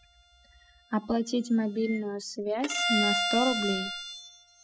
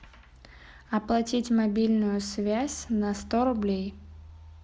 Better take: second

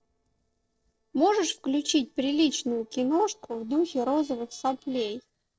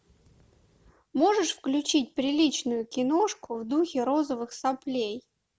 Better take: second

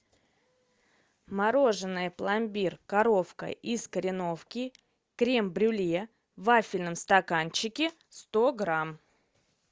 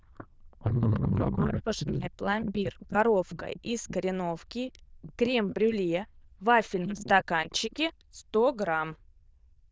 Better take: first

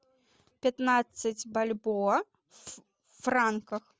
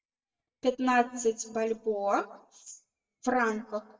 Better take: first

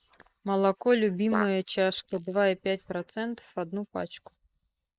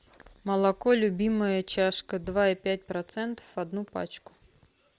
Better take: second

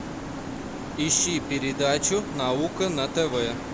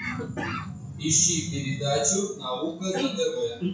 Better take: first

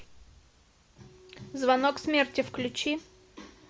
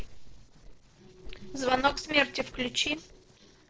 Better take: first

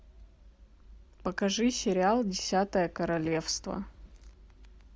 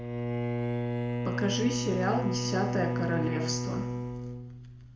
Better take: first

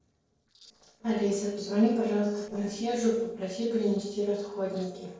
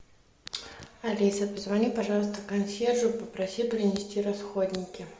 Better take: second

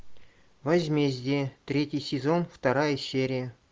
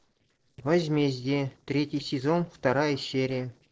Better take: first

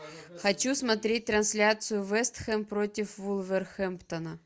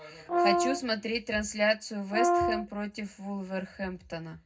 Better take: first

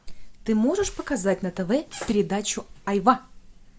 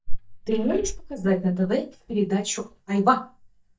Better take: first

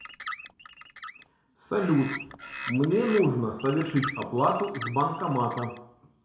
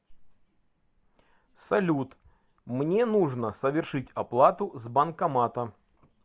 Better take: second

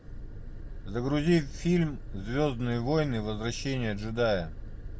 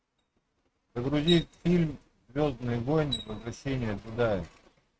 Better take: first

